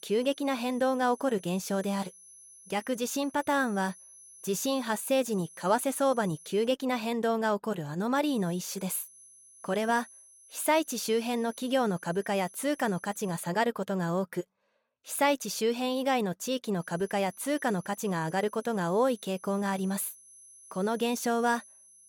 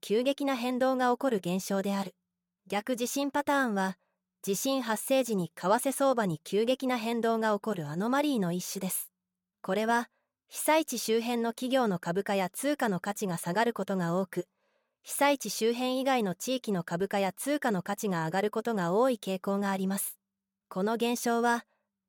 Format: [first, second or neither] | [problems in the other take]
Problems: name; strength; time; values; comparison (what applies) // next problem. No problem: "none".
second | high-pitched whine; faint; until 6.5 s, from 8.5 to 13 s and from 17 s on; 10.5 kHz, 20 dB below the speech